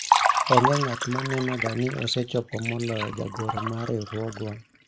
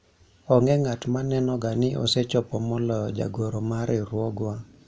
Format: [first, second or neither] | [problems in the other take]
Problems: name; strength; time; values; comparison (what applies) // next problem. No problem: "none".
second | noise reduction (neural mask model RNNoise)